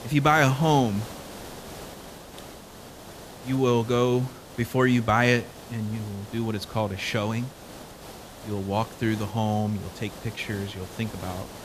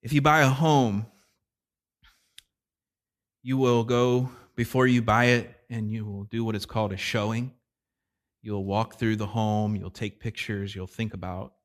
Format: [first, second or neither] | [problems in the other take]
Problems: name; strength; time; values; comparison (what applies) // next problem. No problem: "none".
second | hiss; noticeable; throughout; 15 dB below the speech